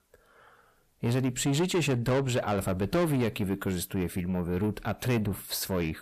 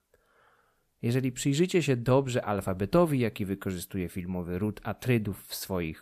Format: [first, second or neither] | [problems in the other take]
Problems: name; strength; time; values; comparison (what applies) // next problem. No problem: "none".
second | distortion; heavy; 7 dB below the speech